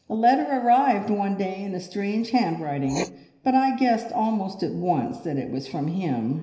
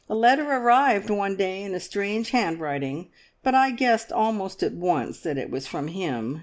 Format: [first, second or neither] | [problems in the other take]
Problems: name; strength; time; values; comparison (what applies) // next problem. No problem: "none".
second | background sound (Writing); 20 dB below the speech // room echo; dies away in 0.9 s